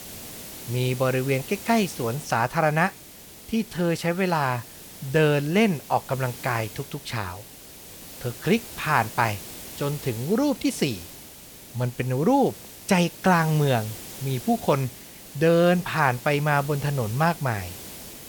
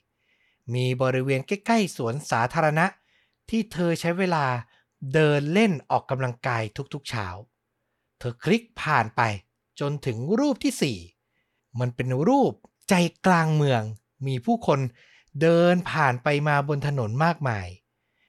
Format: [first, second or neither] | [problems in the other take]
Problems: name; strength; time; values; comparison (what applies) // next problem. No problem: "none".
second | hiss; noticeable; throughout; 15 dB below the speech